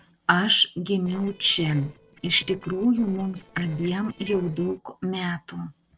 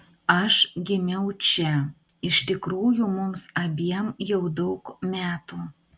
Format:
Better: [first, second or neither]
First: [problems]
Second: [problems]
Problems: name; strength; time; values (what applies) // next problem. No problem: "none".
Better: second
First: noise reduction (neural separator model SepFormer DNS4)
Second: none